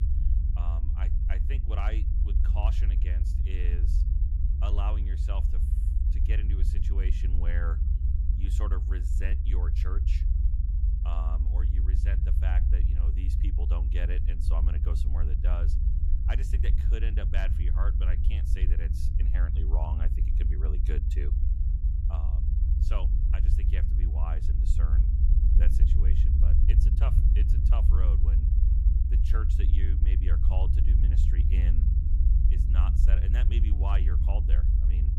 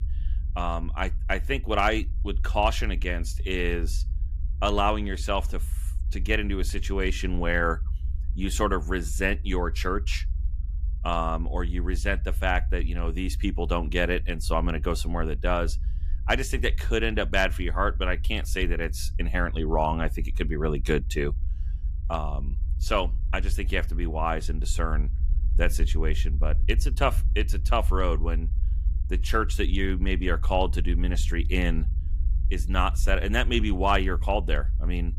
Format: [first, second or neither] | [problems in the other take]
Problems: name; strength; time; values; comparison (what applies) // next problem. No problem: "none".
second | low rumble; loud; throughout; 2 dB below the speech; faint in the second